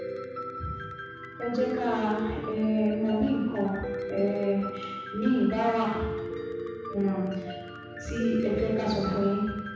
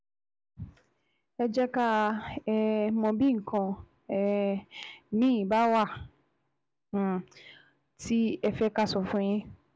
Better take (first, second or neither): second